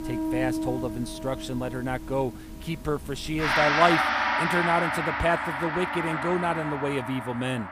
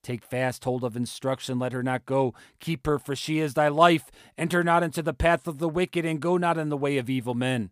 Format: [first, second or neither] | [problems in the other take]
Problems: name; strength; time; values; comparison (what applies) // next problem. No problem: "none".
second | background music; very loud; throughout; 1 dB above the speech